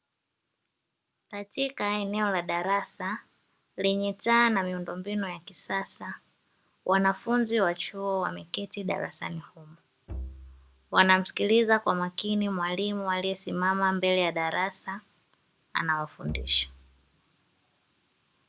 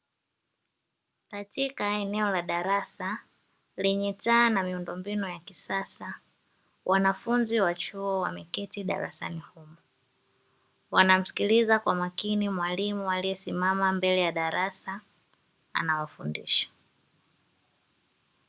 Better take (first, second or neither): second